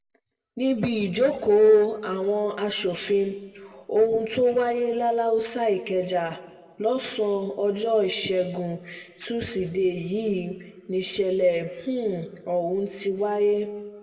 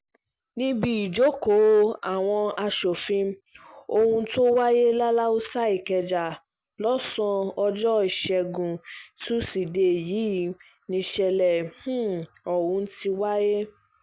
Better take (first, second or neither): second